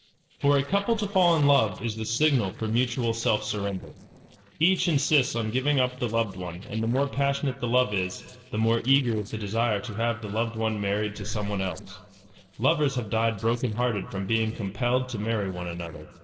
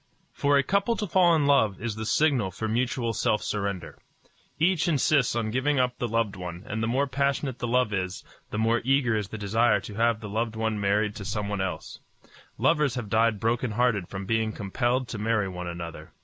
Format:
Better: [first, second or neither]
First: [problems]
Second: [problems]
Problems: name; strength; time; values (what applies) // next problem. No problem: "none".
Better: second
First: noise reduction (neural separator model SepFormer DNS4)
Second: none